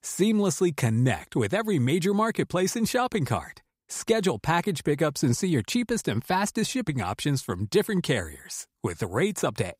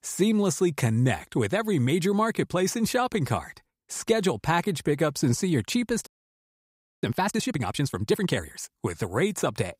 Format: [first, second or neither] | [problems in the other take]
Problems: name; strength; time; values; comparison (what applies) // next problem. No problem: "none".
first | audio freezing; at 6 s for 1 s